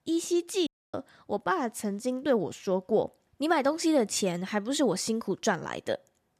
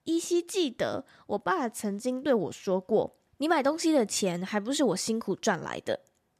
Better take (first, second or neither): second